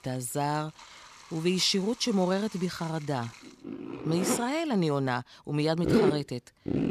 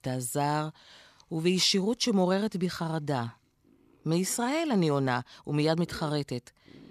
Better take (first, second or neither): second